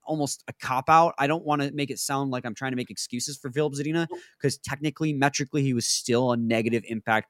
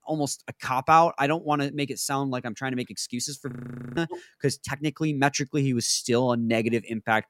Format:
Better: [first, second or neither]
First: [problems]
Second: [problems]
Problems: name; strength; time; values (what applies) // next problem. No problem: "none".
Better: first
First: none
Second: audio freezing; at 3.5 s